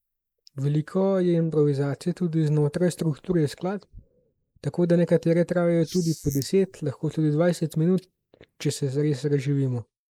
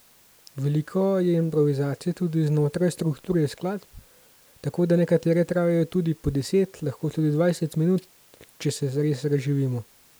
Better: second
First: noise reduction (neural mask model Resemble Enhance denoiser)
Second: none

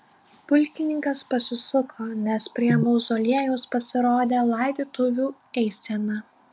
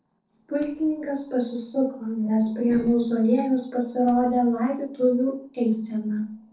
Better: first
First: none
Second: noise reduction (neural separator model SepFormer DNS4)

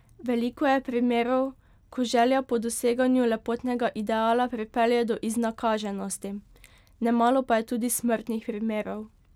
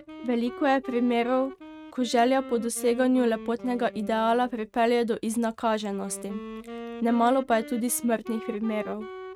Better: first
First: none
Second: noise reduction (neural mask model RNNoise)

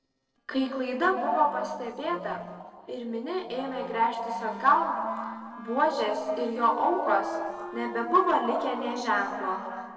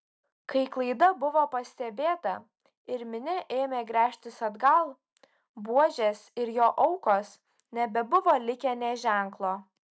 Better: second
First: noise reduction (neural separator model SepFormer DNS4)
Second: none

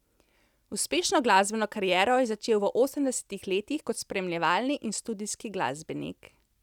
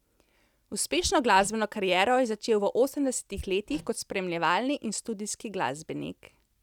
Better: first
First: none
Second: background sound (Hammer); 18 dB below the speech

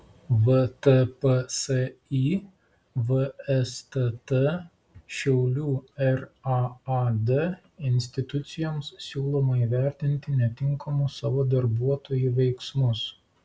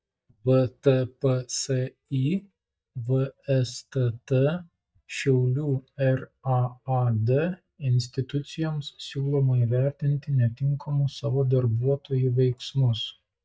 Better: first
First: none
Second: noise reduction (neural mask model DeepFilterNet 3)

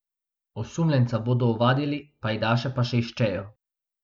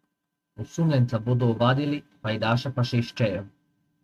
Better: first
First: none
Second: noise reduction (neural mask model RNNoise)

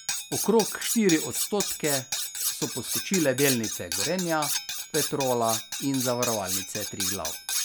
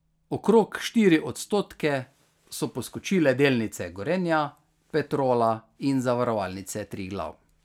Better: second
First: background sound (Cutlery, silverware); 3 dB below the speech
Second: none

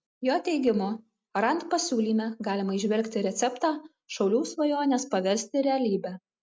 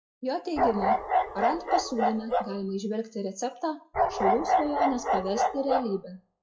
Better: first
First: none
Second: noise reduction (classical method WPE with log-MMSE)

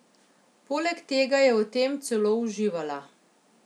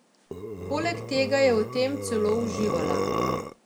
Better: first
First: none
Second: background sound (Burping, eructation); 3 dB below the speech

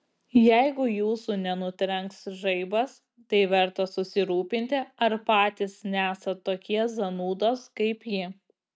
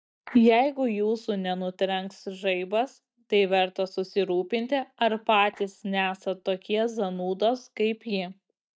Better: first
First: none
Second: noise reduction (neural mask model DeepFilterNet 3)

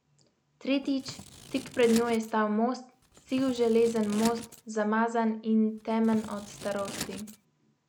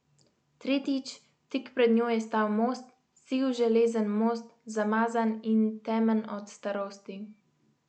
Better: second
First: background sound (Scissors); 15 dB below the speech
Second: none

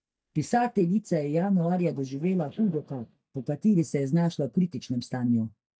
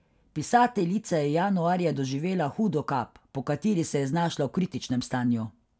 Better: second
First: noise reduction (neural mask model DeepFilterNet 3)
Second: none

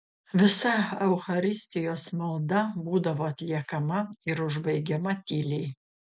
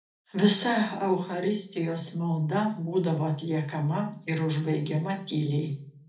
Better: first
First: none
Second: room echo; dies away in 0.4 s

